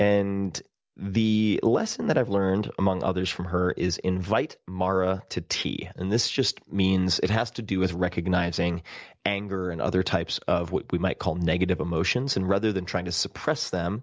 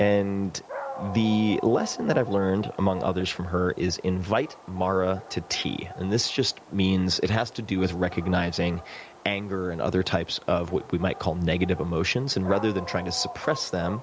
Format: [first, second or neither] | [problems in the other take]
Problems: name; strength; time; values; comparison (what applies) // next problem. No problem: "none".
first | background sound (Dog); 15 dB below the speech